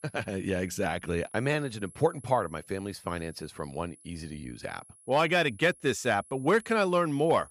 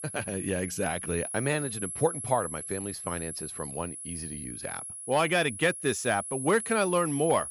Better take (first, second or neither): first